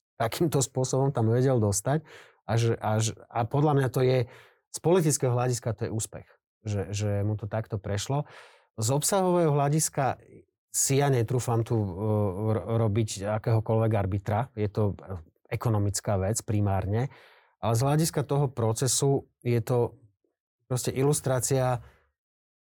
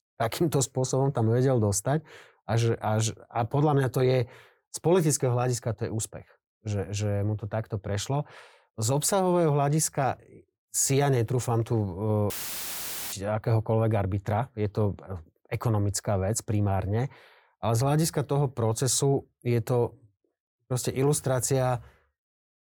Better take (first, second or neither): first